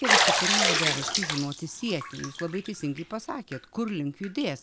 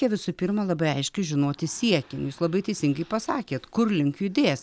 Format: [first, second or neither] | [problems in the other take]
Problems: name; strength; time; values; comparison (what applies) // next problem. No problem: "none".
second | background sound (Bathtub (filling or washing)); 4 dB above the speech